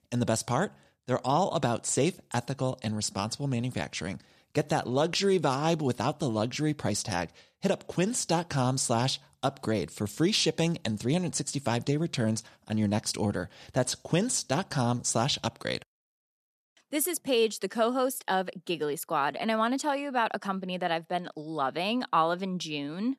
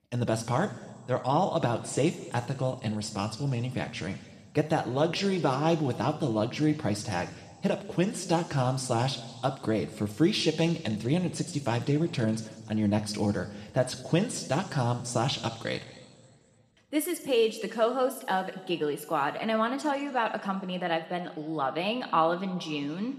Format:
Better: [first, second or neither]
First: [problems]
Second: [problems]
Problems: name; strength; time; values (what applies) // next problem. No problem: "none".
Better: first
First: none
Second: room echo; slight; dies away in 1.7 s